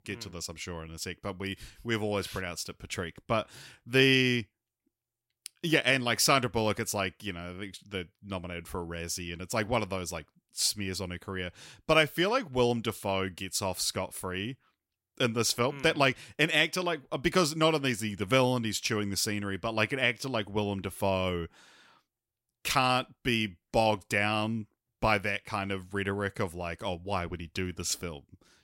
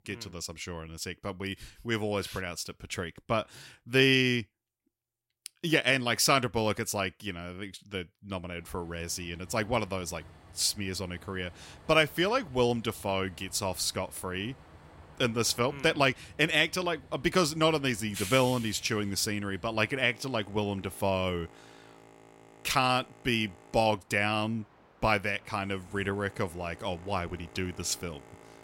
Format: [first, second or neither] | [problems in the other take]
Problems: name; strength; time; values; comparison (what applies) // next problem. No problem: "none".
first | train or aircraft noise; faint; from 8.5 s on; 20 dB below the speech